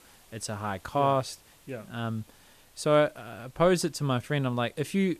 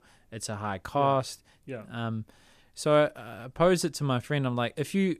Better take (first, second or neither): second